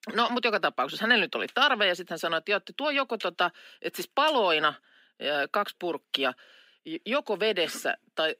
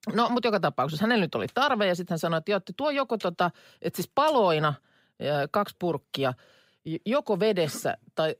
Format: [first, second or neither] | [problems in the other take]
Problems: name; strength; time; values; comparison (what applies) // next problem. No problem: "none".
second | thin; very slightly; fading below 250 Hz